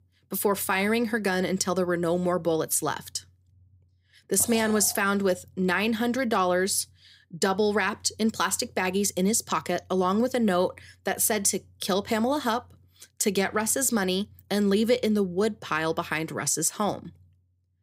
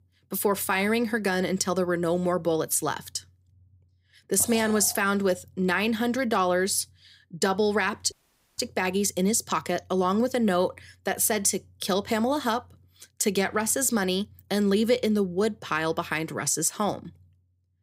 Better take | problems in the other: first | audio cutting out; at 8 s

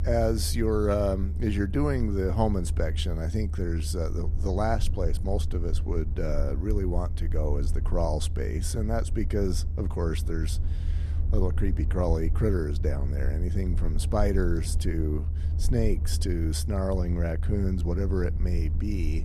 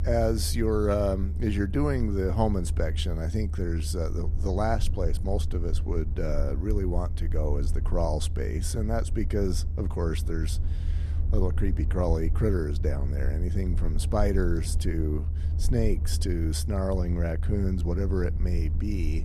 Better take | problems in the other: neither | low rumble; noticeable; throughout; 15 dB below the speech; the same in both

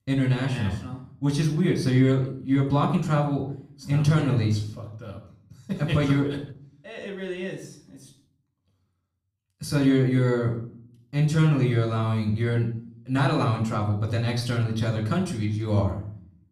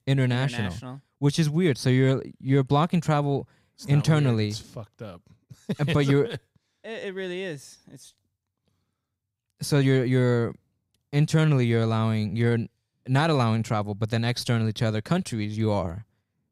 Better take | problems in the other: second | off-mic speech; somewhat distant // room echo; slight; dies away in 0.5 s

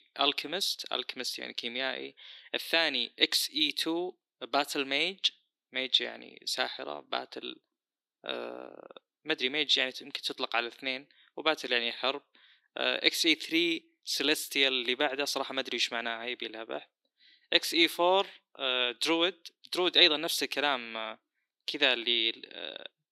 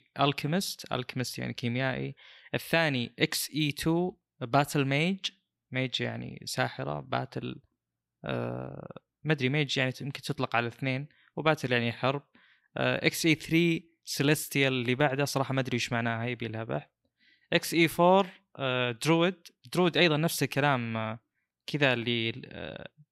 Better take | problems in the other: second | thin; somewhat; fading below 300 Hz

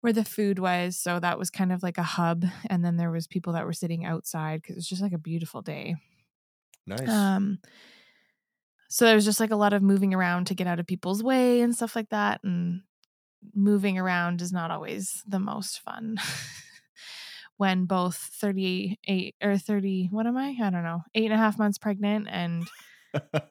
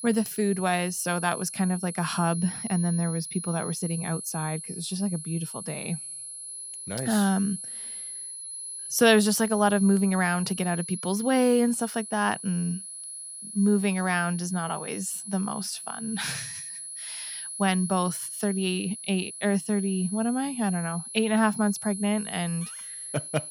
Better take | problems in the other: first | high-pitched whine; loud; throughout; 10.5 kHz, 8 dB below the speech

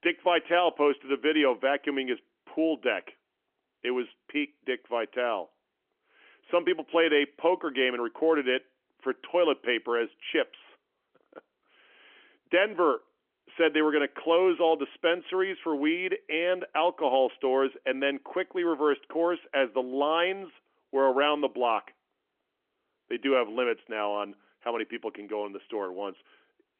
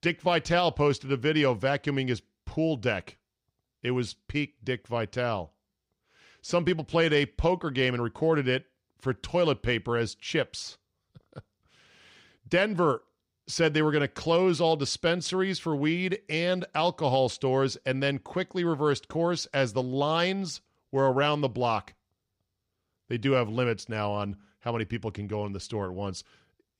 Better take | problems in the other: second | phone-call audio; nothing above 3.5 kHz

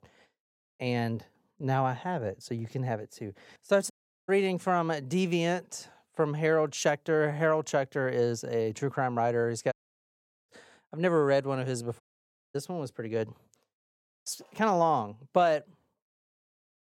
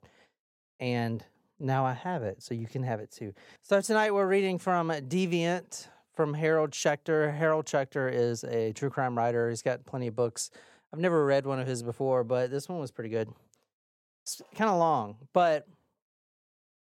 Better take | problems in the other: second | audio cutting out; at 4 s, at 9.5 s for 1 s and at 12 s for 0.5 s

